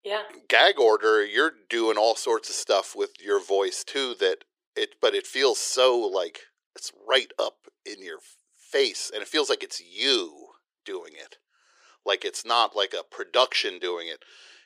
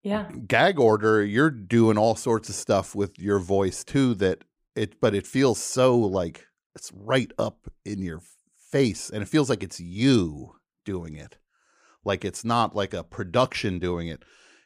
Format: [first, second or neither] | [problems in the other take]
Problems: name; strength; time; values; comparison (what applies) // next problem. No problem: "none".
second | thin; very; fading below 400 Hz